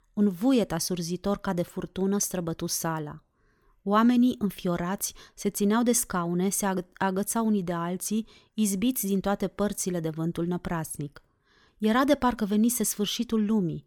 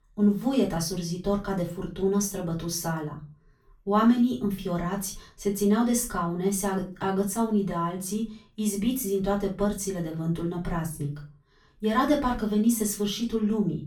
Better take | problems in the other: first | off-mic speech; far // room echo; slight; dies away in 0.3 s

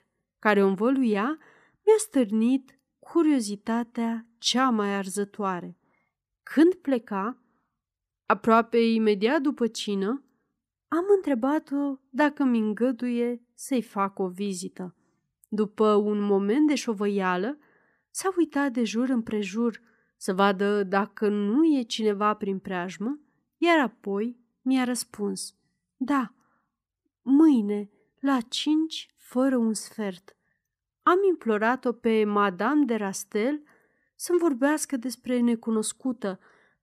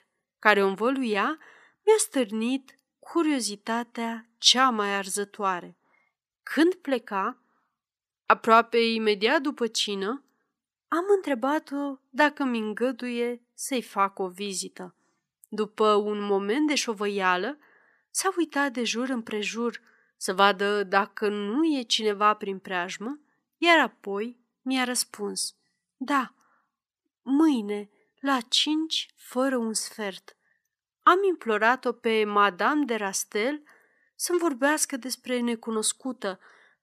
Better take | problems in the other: first | thin; very slightly; fading below 650 Hz

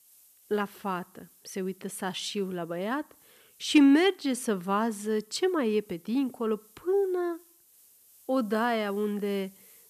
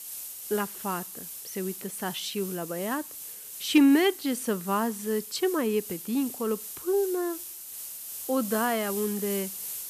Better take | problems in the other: first | hiss; loud; throughout; 9 dB below the speech; faint in the first

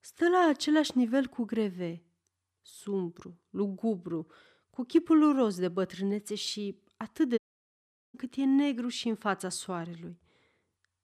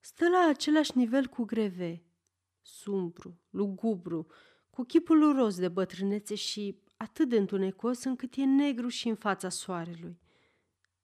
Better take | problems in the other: second | audio cutting out; at 7.5 s for 1 s

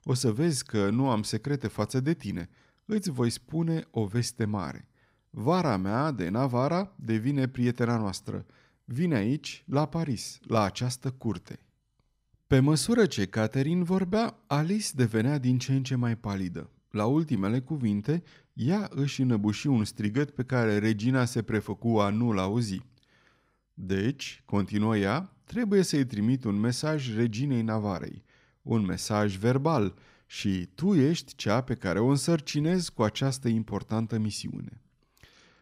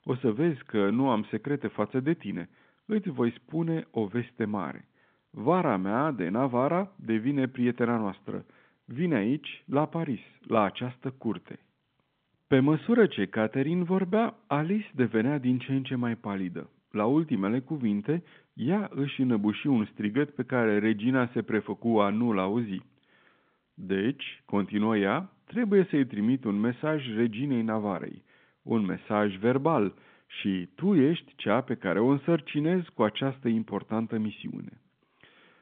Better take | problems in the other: first | phone-call audio; nothing above 3.5 kHz

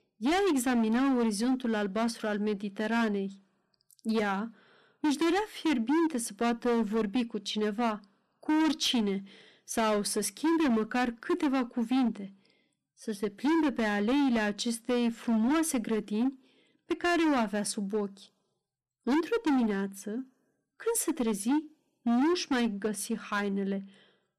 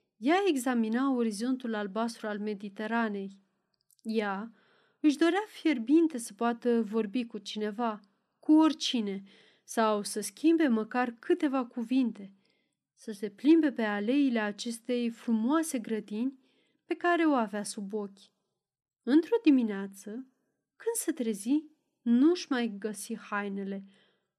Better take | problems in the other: second | distortion; heavy; 15% of the sound clipped

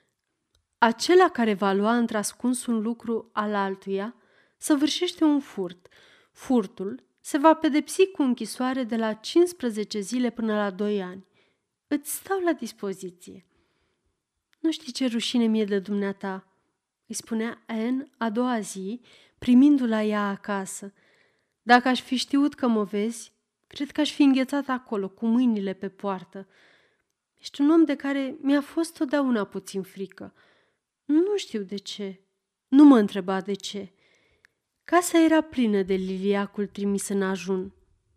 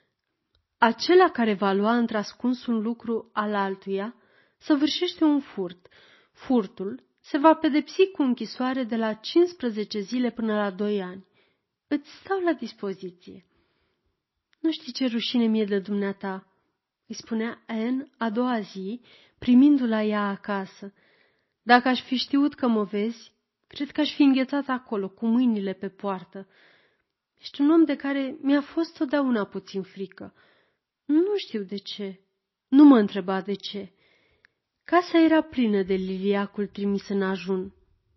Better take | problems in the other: first | garbled, watery; slightly; nothing above 5.5 kHz

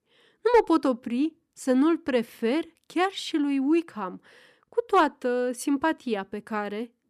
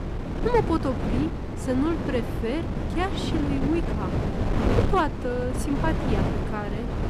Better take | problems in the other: first | wind noise on the microphone; heavy; 3 dB below the speech

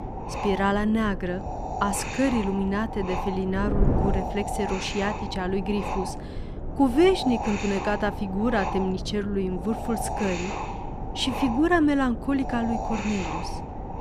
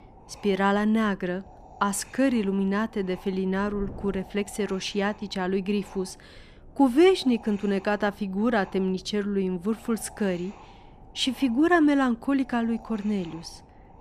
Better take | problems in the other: second | wind noise on the microphone; heavy; 4 dB below the speech; occasional gusts in the second

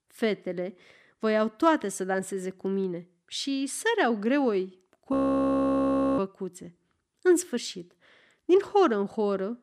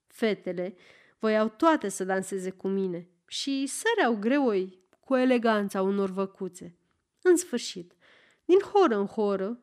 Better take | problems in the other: second | audio freezing; at 5 s for 1 s

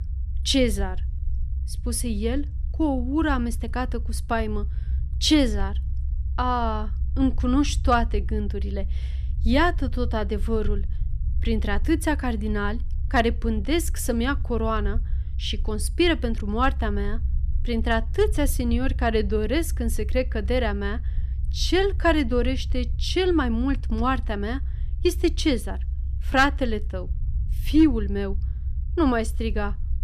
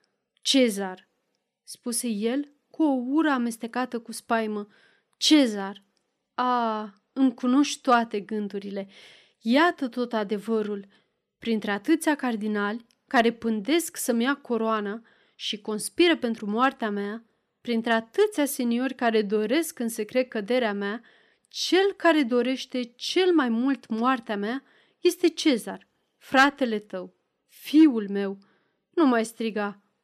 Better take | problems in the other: second | low rumble; faint; throughout; 25 dB below the speech

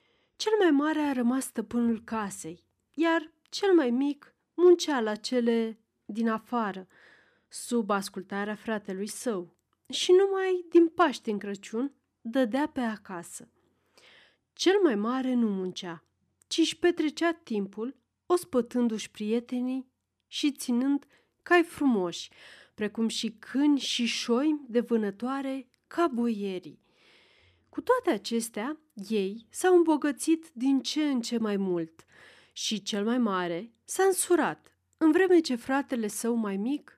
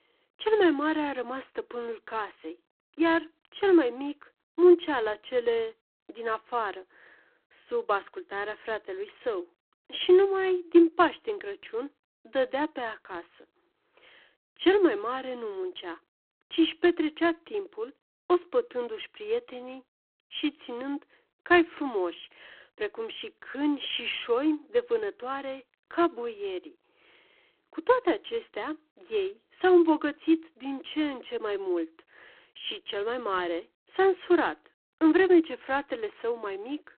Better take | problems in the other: first | phone-call audio; poor line

